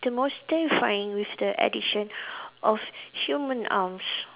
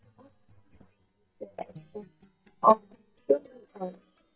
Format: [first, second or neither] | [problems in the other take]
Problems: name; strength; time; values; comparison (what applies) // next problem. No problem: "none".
first | noise reduction (neural mask model DeepFilterNet 3)